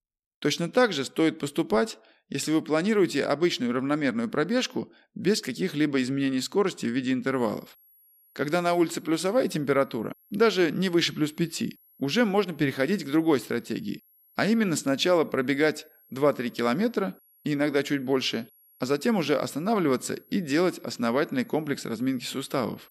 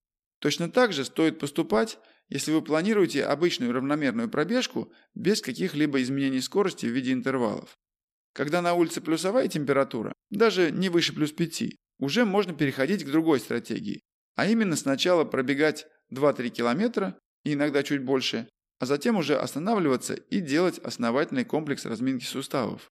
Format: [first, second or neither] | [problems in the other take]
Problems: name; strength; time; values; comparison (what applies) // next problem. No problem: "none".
second | high-pitched whine; faint; from 7.5 s on; 11.5 kHz, 30 dB below the speech